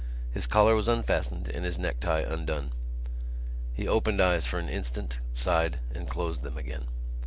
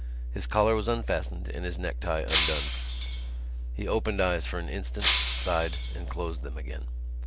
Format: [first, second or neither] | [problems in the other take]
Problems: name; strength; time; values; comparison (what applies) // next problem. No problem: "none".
first | background sound (Shatter); 4 dB below the speech